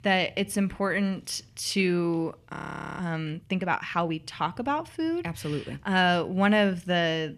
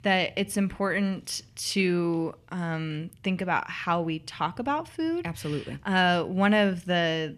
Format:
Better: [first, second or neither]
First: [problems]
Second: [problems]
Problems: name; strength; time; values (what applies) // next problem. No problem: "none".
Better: second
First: audio freezing; at 2.5 s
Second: none